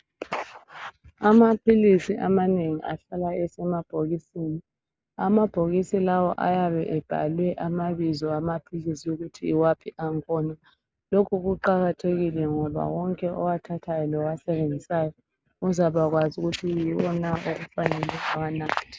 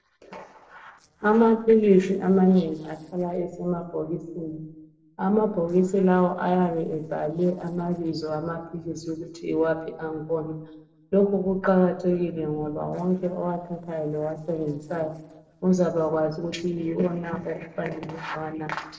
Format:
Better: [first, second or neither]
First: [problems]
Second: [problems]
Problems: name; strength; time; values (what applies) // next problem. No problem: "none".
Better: first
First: none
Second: noise reduction (neural separator model SepFormer DNS4)